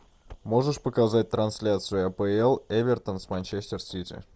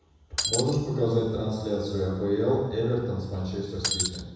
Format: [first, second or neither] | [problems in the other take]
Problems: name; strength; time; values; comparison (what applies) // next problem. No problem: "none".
first | background sound (Shatter); 1 dB below the speech // room echo; dies away in 1.1 s